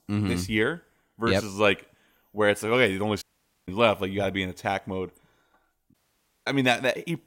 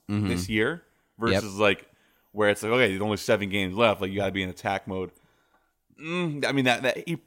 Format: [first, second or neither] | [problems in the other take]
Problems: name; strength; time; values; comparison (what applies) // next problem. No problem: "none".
second | audio cutting out; at 3 s and at 6 s for 0.5 s